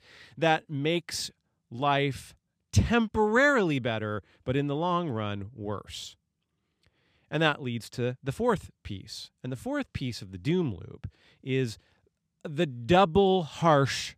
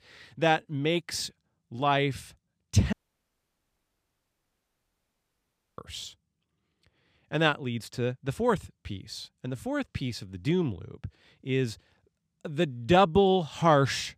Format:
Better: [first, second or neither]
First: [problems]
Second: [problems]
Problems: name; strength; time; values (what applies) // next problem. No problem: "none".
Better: first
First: none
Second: audio cutting out; at 3 s for 3 s